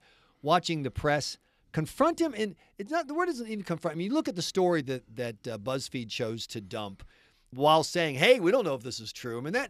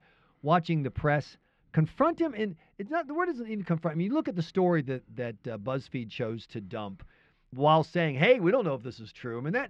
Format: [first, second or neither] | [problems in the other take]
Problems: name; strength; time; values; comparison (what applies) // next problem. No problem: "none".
first | muffled; slightly; fading above 2 kHz